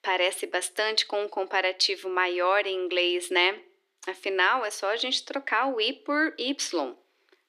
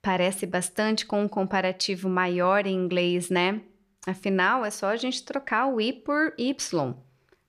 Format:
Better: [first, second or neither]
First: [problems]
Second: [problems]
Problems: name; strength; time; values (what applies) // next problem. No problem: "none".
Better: second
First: thin; somewhat; fading below 300 Hz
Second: none